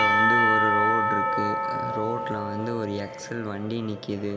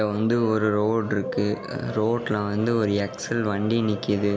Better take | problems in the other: second | background sound (Church bell / Percussion); 5 dB above the speech

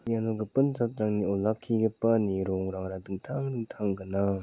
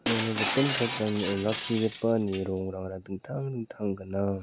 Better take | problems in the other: first | background sound (Shatter); 6 dB below the speech

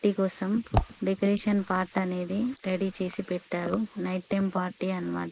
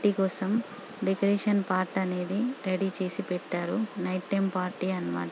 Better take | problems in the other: second | noise reduction (neural mask model Resemble Enhance denoiser)

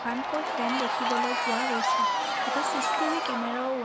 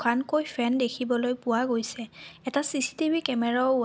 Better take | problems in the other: second | background sound (Crowd / Cheering); 5 dB above the speech

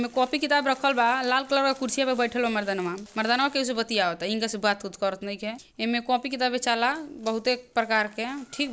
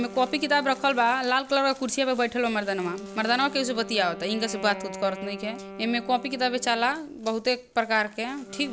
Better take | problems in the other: first | background sound (Wind instrument, woodwind instrument); 15 dB below the speech

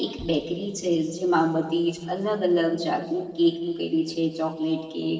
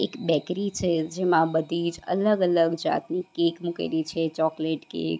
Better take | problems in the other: second | noise reduction (neural separator model SepFormer DNS4)

